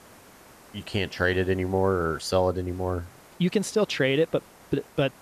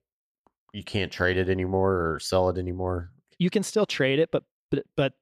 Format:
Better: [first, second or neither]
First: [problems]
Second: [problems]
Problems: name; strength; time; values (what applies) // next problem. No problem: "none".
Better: second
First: hiss; faint; throughout; 25 dB below the speech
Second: none